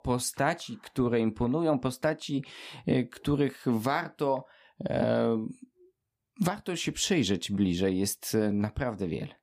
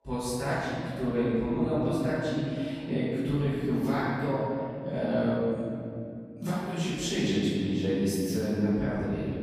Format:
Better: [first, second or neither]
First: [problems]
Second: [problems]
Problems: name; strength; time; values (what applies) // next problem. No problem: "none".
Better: first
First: none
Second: room echo; strong; dies away in 3 s // off-mic speech; far